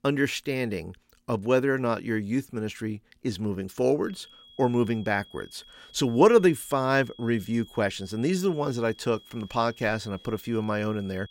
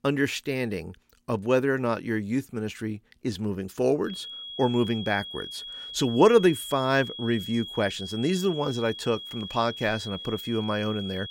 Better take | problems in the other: first | high-pitched whine; loud; from 4 s on; 3.5 kHz, 10 dB below the speech; faint in the first

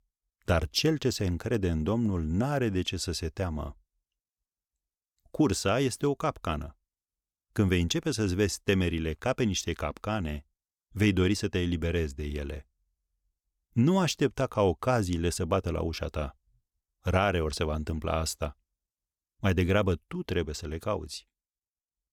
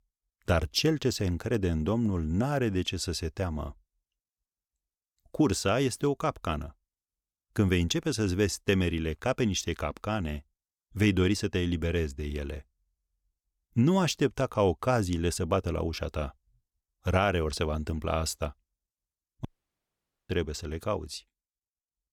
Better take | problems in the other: first | audio cutting out; at 19 s for 1 s

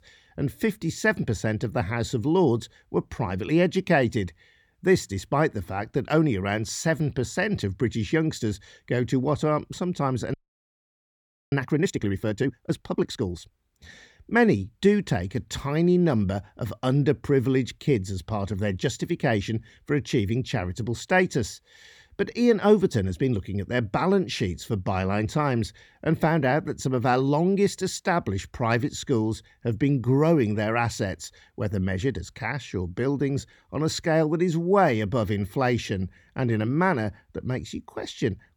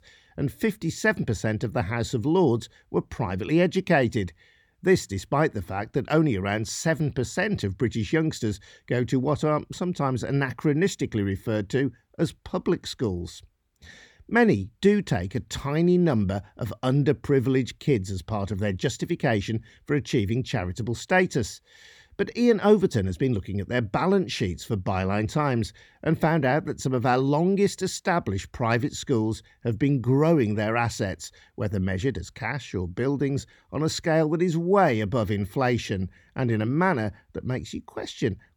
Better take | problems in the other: second | audio freezing; at 10 s for 1 s

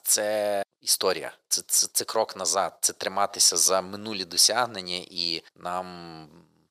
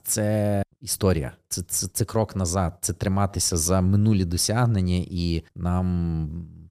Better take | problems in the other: second | thin; very; fading below 650 Hz

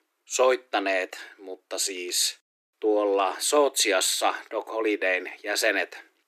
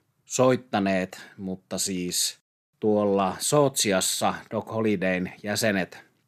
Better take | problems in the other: second | thin; somewhat; fading below 300 Hz

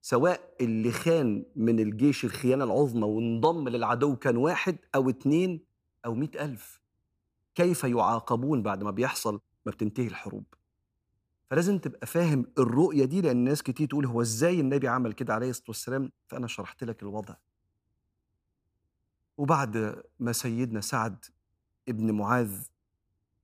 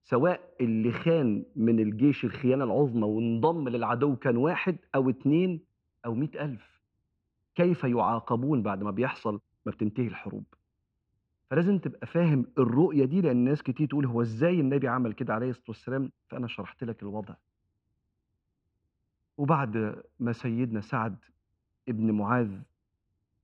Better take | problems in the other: first | muffled; very; fading above 3 kHz

